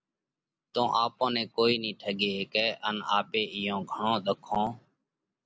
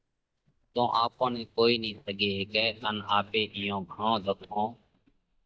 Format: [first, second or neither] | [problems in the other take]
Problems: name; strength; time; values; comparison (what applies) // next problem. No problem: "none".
first | noise reduction (neural mask model DeepFilterNet 3)